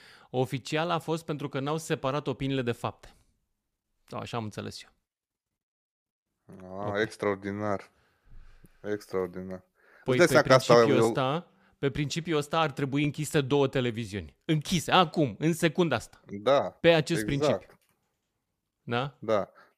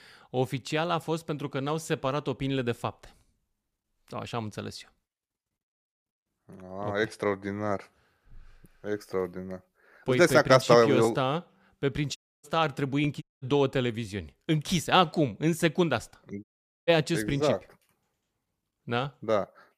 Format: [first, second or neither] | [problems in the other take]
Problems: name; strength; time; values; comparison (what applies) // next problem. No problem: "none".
first | audio cutting out; at 12 s, at 13 s and at 16 s